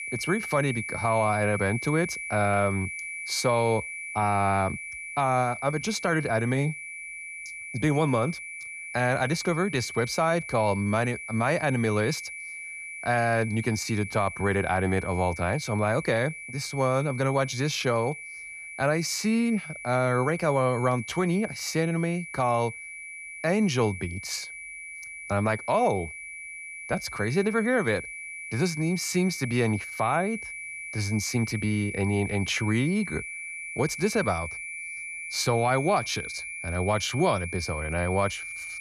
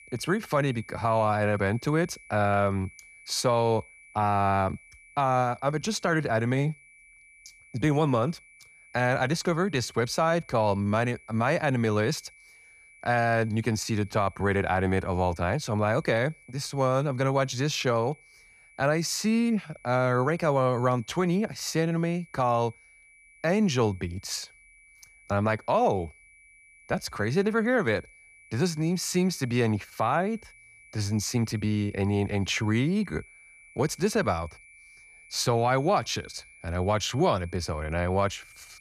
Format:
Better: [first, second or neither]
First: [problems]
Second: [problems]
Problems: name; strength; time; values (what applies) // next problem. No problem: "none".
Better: second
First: high-pitched whine; loud; throughout; 2.5 kHz, 9 dB below the speech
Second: high-pitched whine; faint; throughout; 2.5 kHz, 25 dB below the speech